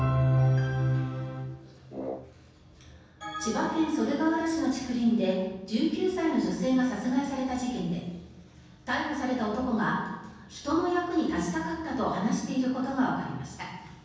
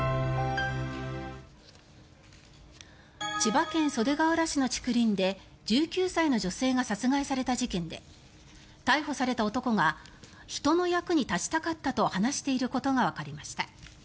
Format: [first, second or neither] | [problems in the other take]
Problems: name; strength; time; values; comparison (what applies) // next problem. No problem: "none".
second | background sound (Brass instrument); 13 dB below the speech // room echo; dies away in 1.1 s